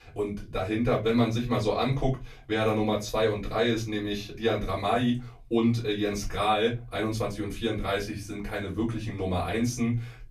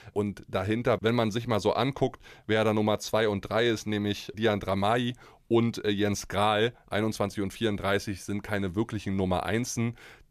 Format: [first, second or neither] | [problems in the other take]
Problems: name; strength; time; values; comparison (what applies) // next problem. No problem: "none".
second | off-mic speech; far // room echo; very slight; dies away in 0.2 s